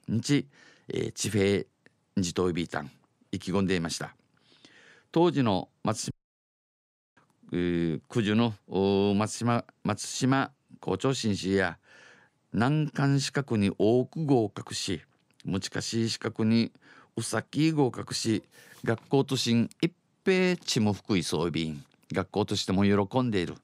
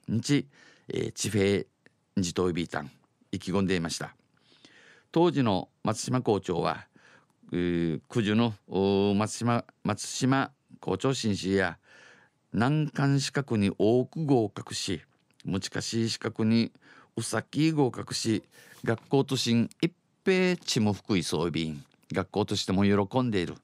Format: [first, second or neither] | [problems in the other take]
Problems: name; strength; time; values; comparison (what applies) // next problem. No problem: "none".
second | audio cutting out; at 6 s for 1 s